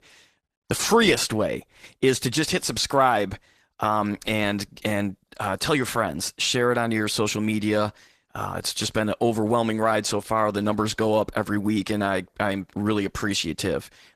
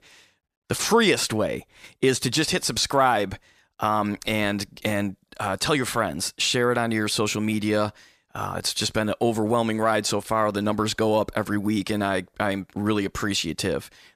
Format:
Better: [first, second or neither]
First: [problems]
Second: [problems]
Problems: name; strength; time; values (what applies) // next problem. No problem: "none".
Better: second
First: garbled, watery; slightly; nothing above 14.5 kHz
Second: none